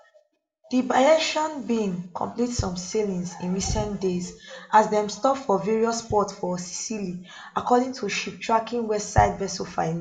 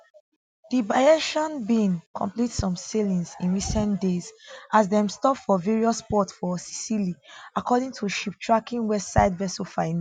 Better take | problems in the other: second | room echo; dies away in 0.4 s

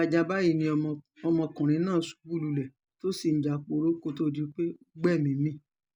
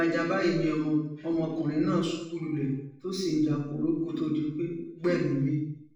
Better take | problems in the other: first | room echo; dies away in 0.7 s

